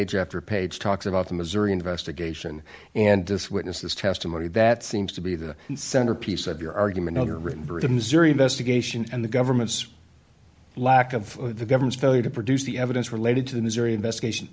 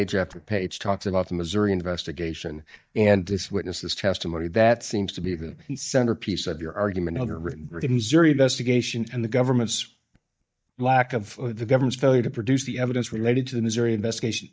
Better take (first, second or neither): first